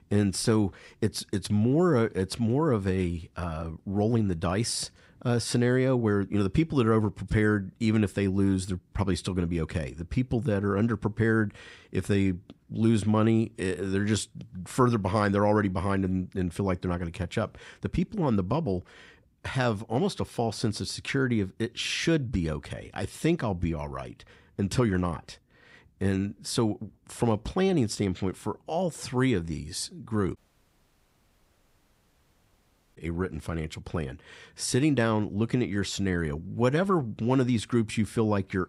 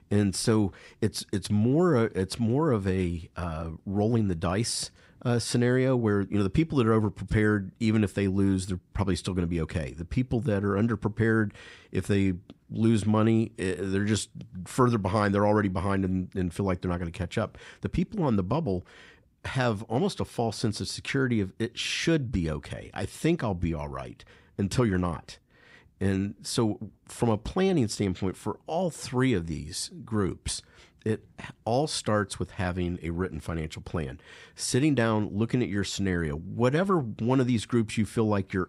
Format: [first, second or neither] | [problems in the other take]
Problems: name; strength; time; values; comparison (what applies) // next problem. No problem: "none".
second | audio cutting out; at 30 s for 2.5 s